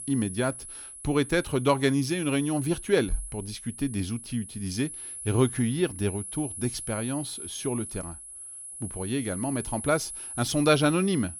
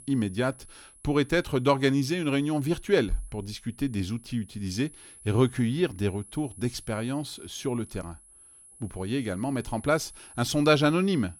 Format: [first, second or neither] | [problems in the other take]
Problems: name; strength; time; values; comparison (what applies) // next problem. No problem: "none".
second | high-pitched whine; loud; throughout; 10.5 kHz, 9 dB below the speech; faint in the second